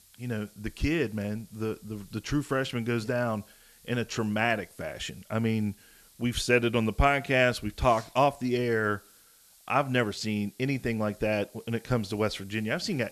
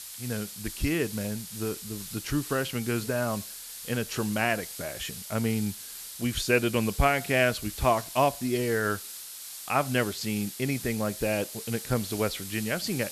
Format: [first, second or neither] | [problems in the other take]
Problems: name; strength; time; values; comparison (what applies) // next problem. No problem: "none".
first | hiss; loud; throughout; 9 dB below the speech; faint in the first